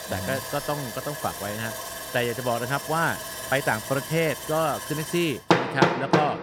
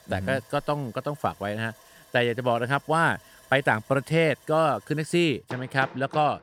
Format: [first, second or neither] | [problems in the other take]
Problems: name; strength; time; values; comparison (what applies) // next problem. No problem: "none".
second | machinery noise; loud; throughout; 2 dB below the speech; faint in the second